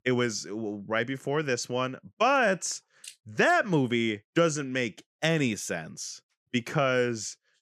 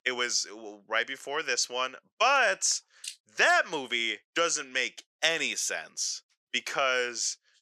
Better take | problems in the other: first | thin; very; fading below 650 Hz

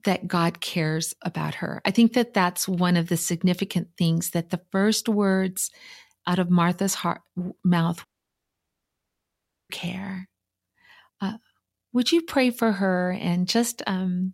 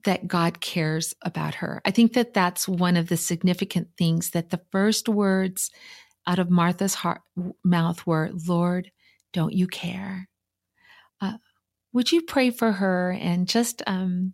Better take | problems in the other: second | audio cutting out; at 8 s for 1.5 s

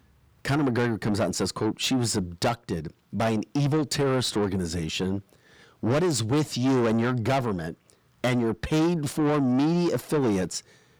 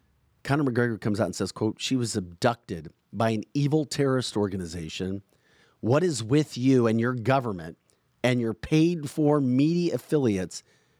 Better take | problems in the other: second | distortion; heavy; 7 dB below the speech

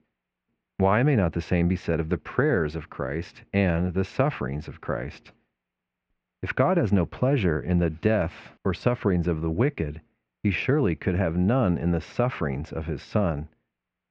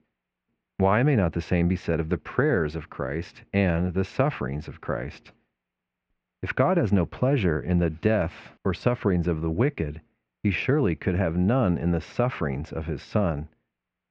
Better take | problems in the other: neither | muffled; very; fading above 2.5 kHz; the same in both

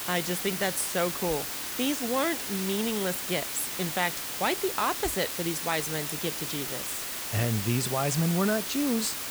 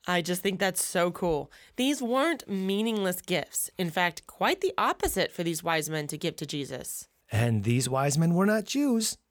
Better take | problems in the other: second | hiss; loud; throughout; 2 dB below the speech

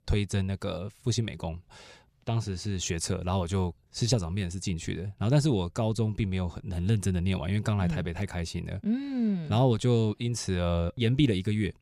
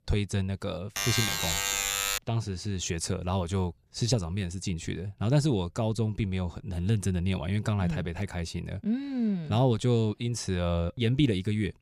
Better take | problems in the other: first | alarm; loud; from 1 to 2 s; peak 3 dB above the speech

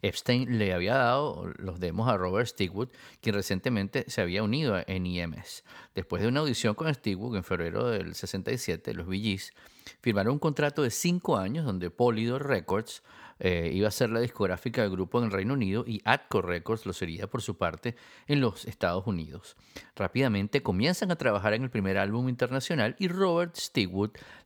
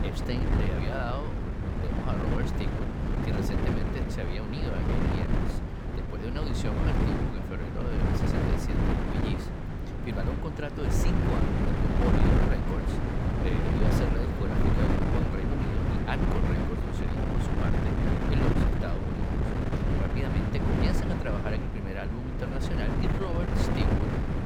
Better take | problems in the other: first | wind noise on the microphone; heavy; 4 dB above the speech

